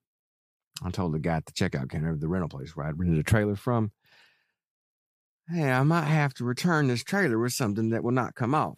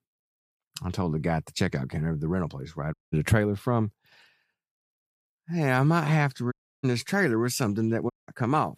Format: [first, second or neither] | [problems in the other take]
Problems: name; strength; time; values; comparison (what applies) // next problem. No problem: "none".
first | audio cutting out; at 3 s, at 6.5 s and at 8 s